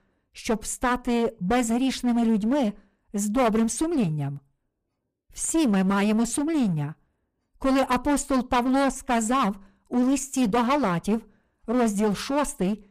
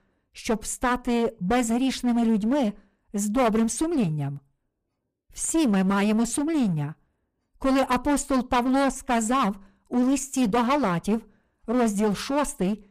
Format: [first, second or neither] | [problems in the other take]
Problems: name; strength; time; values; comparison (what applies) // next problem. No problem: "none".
neither | distortion; heavy; 14% of the sound clipped; the same in both